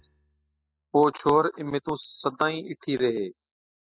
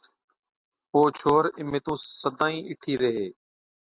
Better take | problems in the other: second | noise reduction (classical method spectral subtraction)

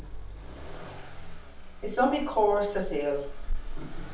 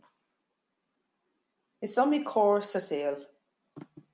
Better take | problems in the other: second | background sound (Accelerating, revving, vroom); 4 dB below the speech // room echo; dies away in 0.3 s

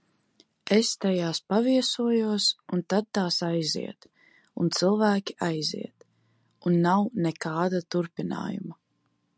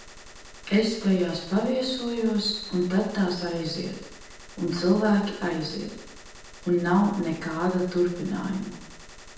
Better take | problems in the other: first | background sound (Gunshot, gunfire); 18 dB below the speech // room echo; dies away in 0.9 s

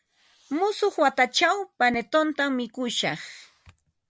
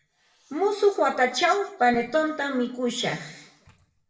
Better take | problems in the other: first | room echo; dies away in 0.6 s

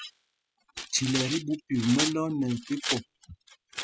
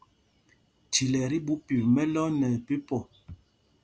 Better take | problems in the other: second | noise reduction (classical method spectral subtraction)

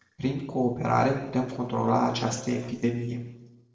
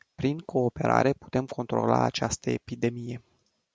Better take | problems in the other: second | noise reduction (neural separator model SepFormer DNS4)

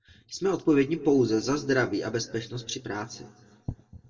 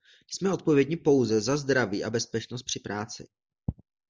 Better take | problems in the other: second | room echo; dies away in 1.8 s

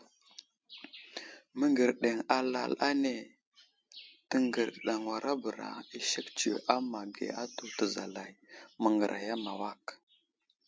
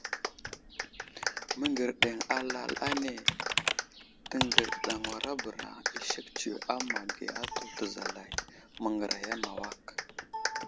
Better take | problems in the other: first | background sound (Computer keyboard + Clapping); 2 dB above the speech

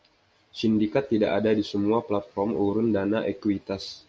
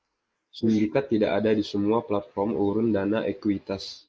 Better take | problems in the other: first | noise reduction (neural mask model Resemble Enhance denoiser)

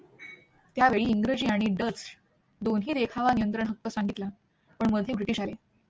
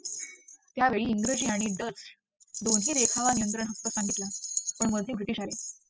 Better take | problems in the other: first | noise reduction (classical method spectral subtraction)

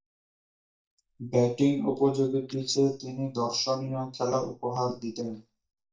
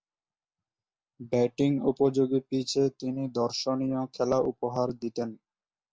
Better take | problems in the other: second | noise reduction (neural mask model DeepFilterNet 3)

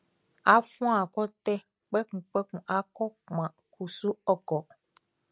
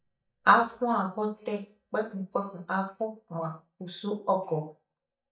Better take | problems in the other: first | noise reduction (neural mask model DeepFilterNet 3)

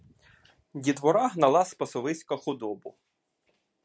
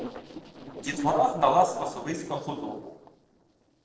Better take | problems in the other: first | noise reduction (neural separator model SepFormer DNS4)

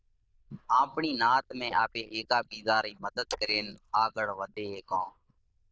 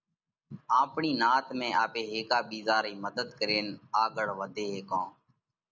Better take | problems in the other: second | noise reduction (neural diffusion model UNIVERSE++)

